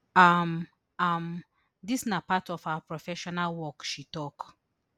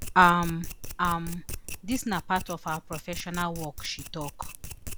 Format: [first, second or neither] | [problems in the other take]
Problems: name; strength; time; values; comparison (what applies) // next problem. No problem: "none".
first | background sound (Domestic sounds, home sounds); 9 dB below the speech